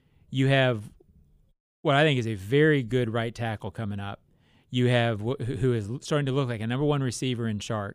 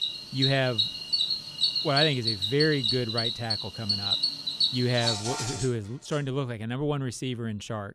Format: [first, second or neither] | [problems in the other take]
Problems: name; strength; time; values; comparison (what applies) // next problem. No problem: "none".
first | animal sounds; very loud; until 5.5 s; 3 dB above the speech